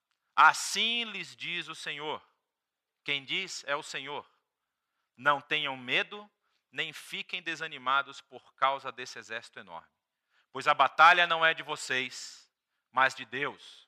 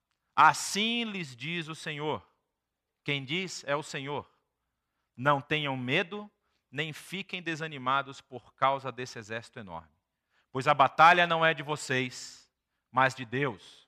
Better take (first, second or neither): second